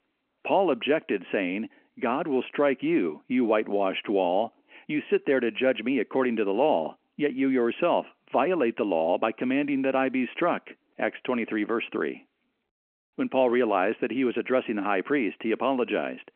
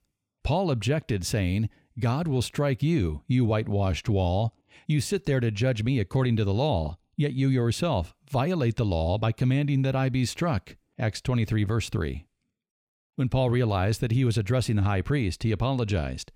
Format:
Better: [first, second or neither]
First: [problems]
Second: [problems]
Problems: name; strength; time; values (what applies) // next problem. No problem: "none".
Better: second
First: phone-call audio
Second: none